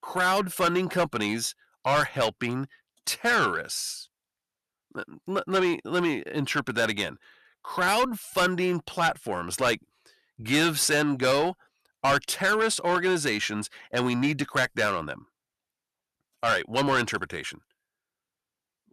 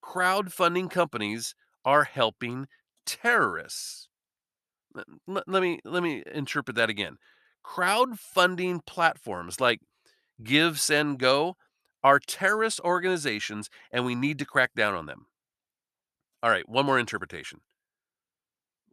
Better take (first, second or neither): second